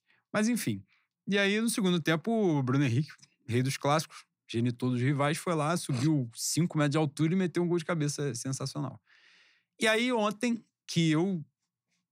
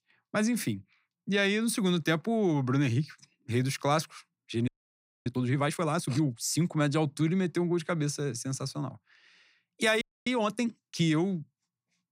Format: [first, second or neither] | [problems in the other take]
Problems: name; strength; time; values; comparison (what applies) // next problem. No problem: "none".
first | audio freezing; at 4.5 s for 0.5 s and at 10 s